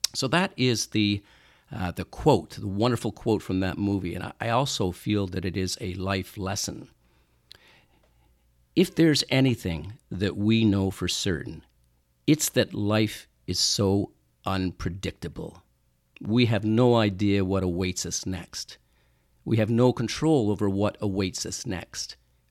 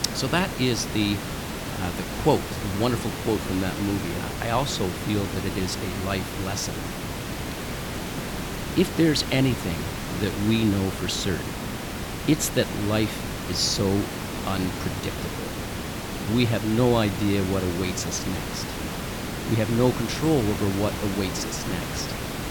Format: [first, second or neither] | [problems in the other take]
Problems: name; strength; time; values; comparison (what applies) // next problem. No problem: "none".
first | hiss; loud; throughout; 5 dB below the speech